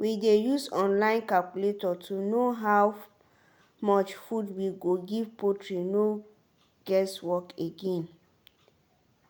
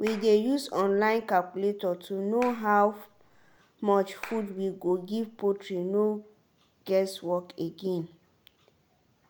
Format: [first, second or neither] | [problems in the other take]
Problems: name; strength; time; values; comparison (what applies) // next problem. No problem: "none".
first | background sound (Clapping); 18 dB below the speech